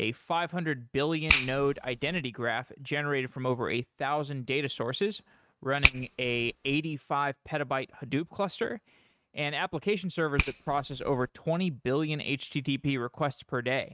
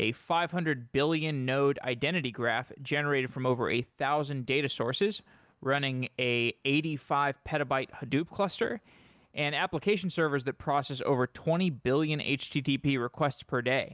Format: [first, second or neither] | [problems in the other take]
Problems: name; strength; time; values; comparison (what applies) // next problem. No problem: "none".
second | noise reduction (neural mask model RNNoise)